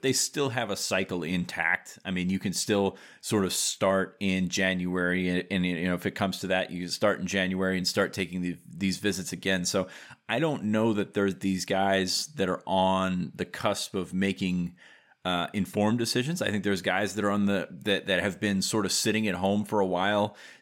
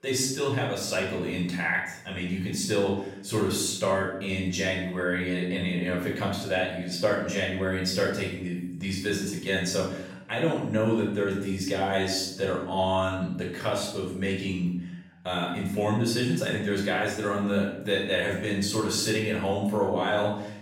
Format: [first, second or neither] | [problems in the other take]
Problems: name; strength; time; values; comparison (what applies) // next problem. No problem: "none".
first | room echo; noticeable; dies away in 0.7 s // off-mic speech; far